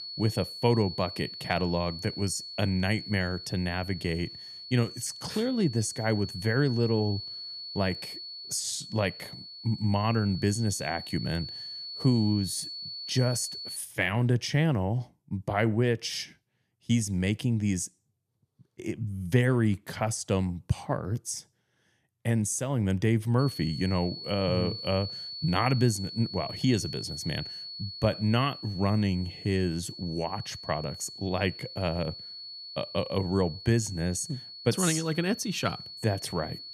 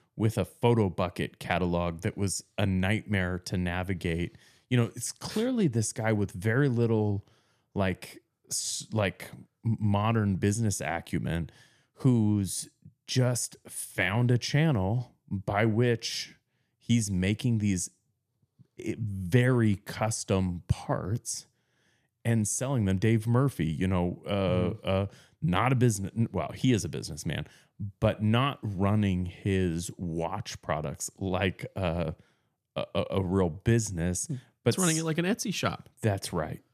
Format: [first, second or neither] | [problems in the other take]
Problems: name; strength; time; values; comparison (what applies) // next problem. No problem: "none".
second | high-pitched whine; loud; until 14 s and from 23 s on; 4.5 kHz, 9 dB below the speech